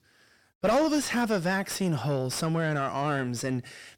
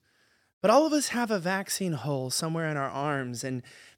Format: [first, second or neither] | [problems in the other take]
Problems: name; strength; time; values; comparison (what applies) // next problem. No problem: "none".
second | distortion; heavy; 7 dB below the speech